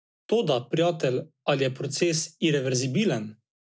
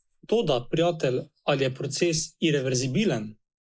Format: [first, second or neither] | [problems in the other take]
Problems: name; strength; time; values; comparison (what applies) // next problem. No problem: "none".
first | noise reduction (neural mask model Resemble Enhance denoiser)